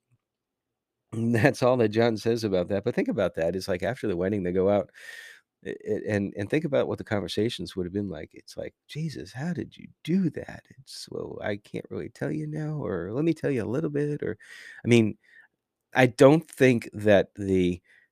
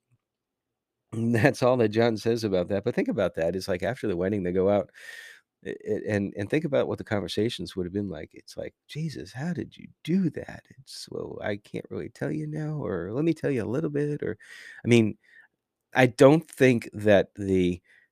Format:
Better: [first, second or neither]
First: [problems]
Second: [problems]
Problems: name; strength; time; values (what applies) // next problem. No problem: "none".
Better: neither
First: none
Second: none